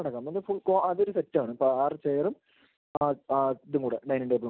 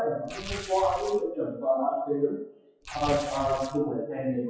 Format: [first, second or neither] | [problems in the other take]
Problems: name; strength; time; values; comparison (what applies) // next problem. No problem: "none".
first | noise reduction (classical method WPE with log-MMSE)